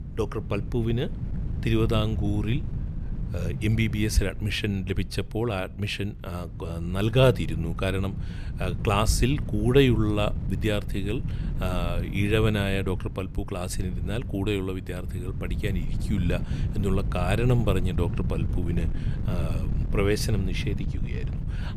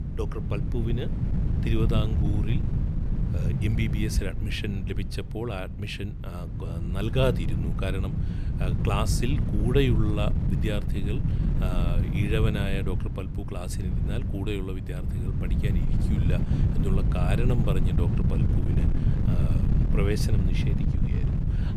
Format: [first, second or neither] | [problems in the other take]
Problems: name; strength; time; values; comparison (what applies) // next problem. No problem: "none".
first | wind noise on the microphone; heavy; 4 dB below the speech; occasional gusts in the first